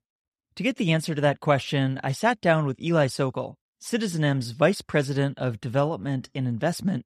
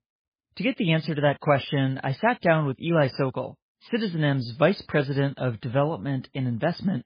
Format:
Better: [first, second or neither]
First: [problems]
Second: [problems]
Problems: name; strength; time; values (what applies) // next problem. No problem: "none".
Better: first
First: none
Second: garbled, watery; badly